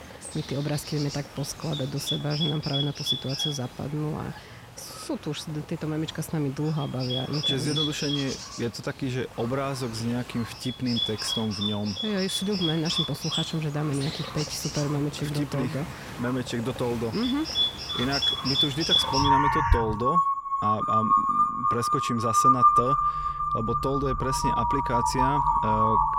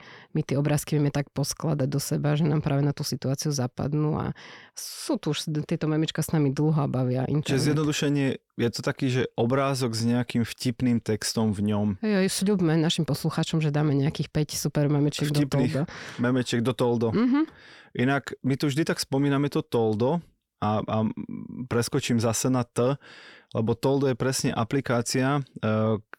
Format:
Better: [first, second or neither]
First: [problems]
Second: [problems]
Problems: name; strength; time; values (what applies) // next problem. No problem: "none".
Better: second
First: animal sounds; very loud; throughout; 4 dB above the speech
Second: none